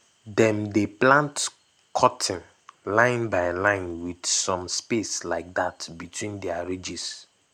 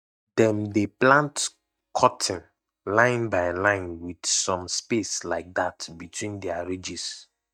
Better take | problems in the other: first | noise reduction (neural mask model DeepFilterNet 3)

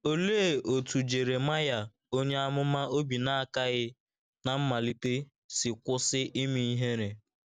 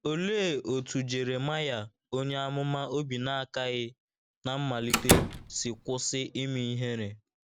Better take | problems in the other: first | background sound (Slam); 4 dB above the speech

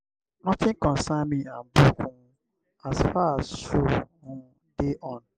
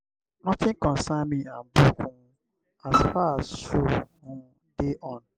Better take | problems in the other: first | background sound (Bowed string instrument); 3 dB below the speech

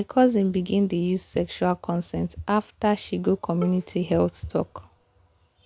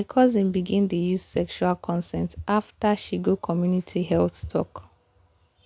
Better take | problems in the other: second | background sound (Bowed string instrument); 18 dB below the speech

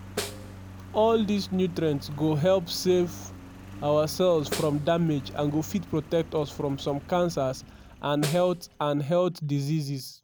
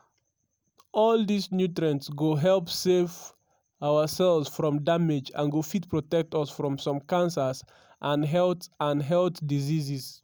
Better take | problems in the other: second | background sound (Engine + Snare drum); 14 dB below the speech

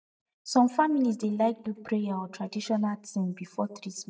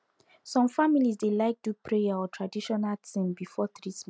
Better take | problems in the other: second | noise reduction (neural mask model DeepFilterNet 3)

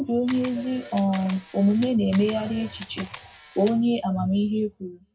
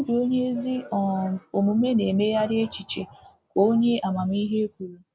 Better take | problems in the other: second | background sound (Camera); 19 dB below the speech // room echo; dies away in 0.2 s

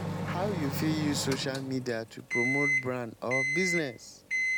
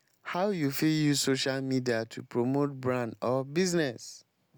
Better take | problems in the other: second | background sound (Microwave oven); as loud as the speech

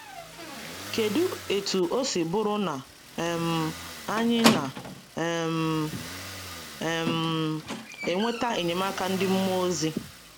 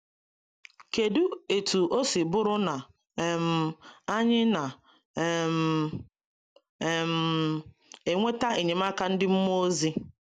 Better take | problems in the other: second | background sound (Motor vehicle (road) + Squeak); 7 dB below the speech

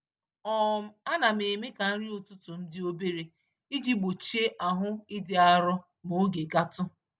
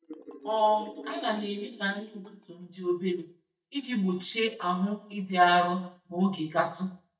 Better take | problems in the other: first | noise reduction (neural mask model DeepFilterNet 3)

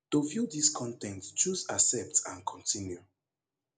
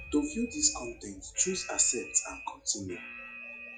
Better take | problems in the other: first | noise reduction (classical method log-MMSE)

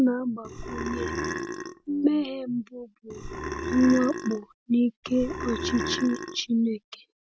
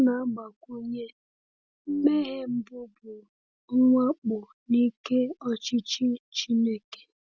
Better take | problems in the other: second | background sound (Burping, eructation); 6 dB below the speech

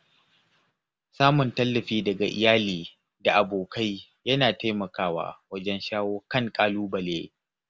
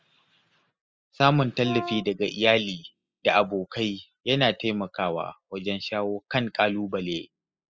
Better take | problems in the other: first | noise reduction (classical method spectral subtraction)

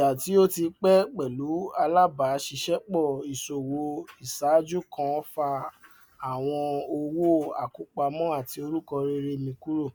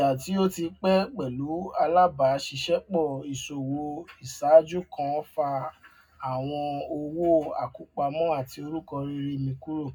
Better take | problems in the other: first | room echo; dies away in 0.3 s

